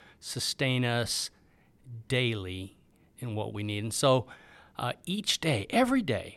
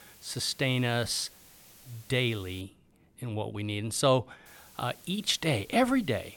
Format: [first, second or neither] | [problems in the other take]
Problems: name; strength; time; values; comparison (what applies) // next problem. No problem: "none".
first | hiss; faint; until 2.5 s and from 4.5 s on; 25 dB below the speech